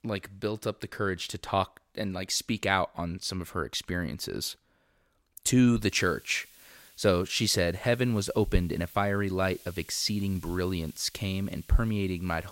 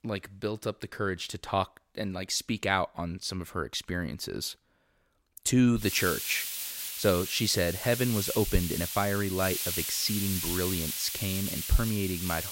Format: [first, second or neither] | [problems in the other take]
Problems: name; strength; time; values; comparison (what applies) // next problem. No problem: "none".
first | hiss; loud; from 6 s on; 3 dB below the speech; faint in the first